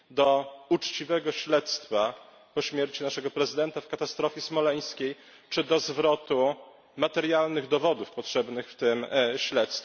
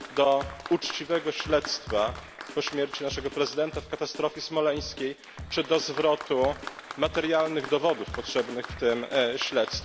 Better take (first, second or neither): first